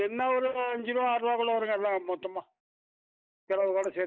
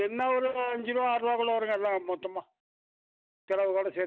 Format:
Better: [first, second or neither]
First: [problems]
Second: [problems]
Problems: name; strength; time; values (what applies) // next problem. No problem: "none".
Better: second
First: noise reduction (neural mask model Resemble Enhance denoiser)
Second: none